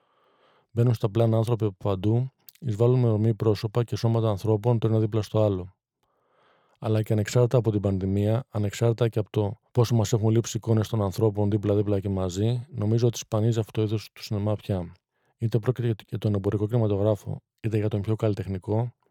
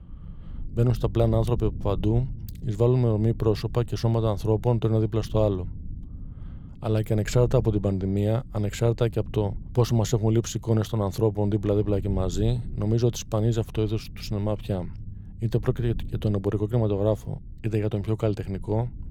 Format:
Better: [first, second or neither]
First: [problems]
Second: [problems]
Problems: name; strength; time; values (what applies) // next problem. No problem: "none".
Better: first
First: none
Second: low rumble; faint; throughout; 25 dB below the speech